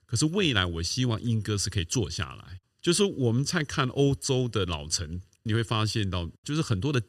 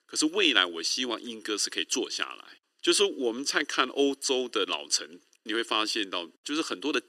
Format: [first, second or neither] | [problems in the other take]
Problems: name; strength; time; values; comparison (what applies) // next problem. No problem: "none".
first | thin; somewhat; fading below 300 Hz